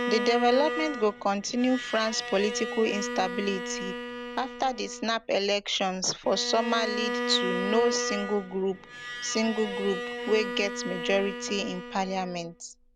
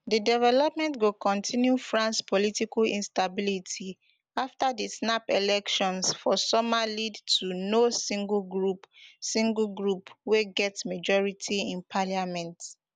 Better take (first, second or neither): second